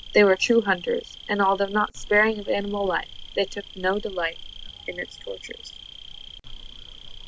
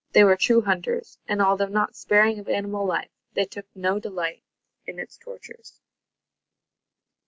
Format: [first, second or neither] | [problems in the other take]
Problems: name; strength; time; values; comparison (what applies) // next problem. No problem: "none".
second | background sound (Insect); 14 dB below the speech